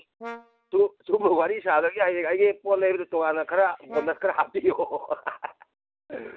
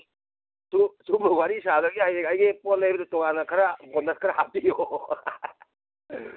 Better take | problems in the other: second | background sound (Brass instrument); 20 dB below the speech

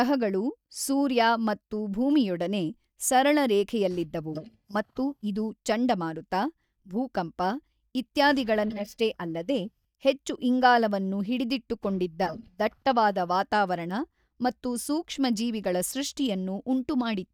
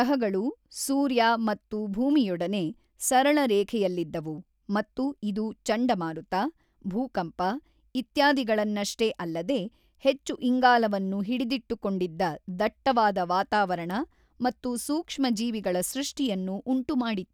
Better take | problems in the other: second | noise reduction (neural mask model DeepFilterNet 3)

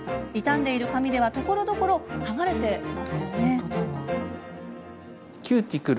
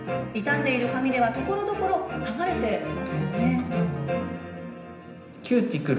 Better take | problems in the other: first | room echo; dies away in 0.9 s

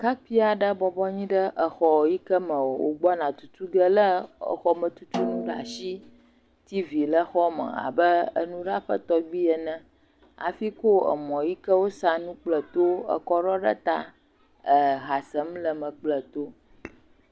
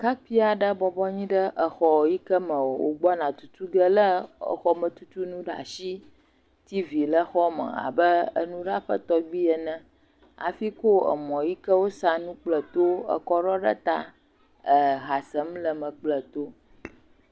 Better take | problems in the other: second | background sound (Snare drum); 10 dB below the speech

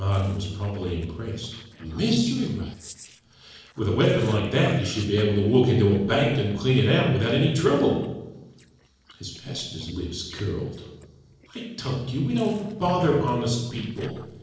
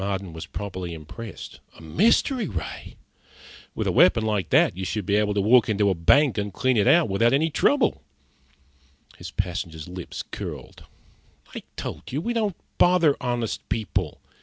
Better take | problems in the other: second | noise reduction (neural separator model SepFormer DNS4)

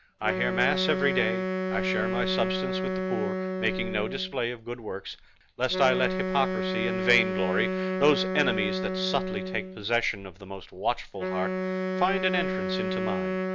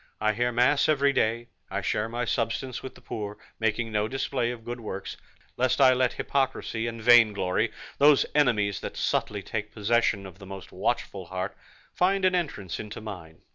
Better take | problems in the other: second | background sound (Wind instrument, woodwind instrument); 1 dB below the speech

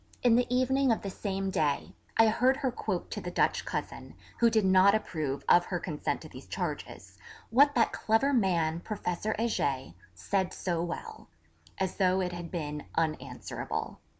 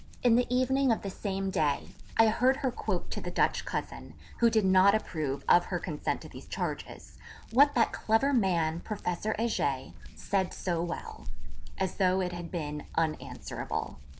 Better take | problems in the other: first | background sound (Hands); 8 dB below the speech

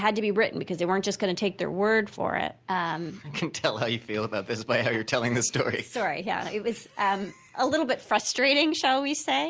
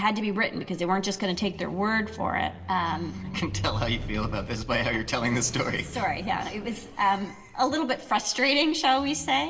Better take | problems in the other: first | background sound (Squeak); 12 dB below the speech // room echo; dies away in 1.3 s

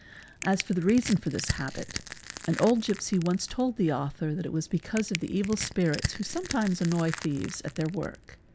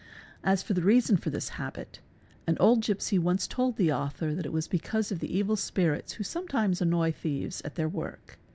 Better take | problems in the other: second | background sound (Crushing); 11 dB below the speech

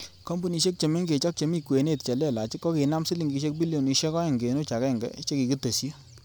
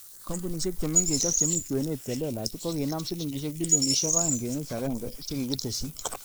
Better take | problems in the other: first | noise reduction (neural mask model Resemble Enhance denoiser)

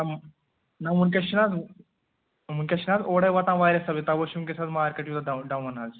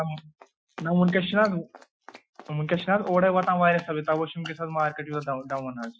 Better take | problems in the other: first | noise reduction (classical method Wiener filter)

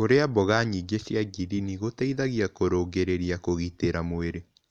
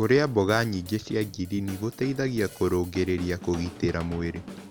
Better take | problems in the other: first | background sound (Drum / Drum kit); 17 dB below the speech

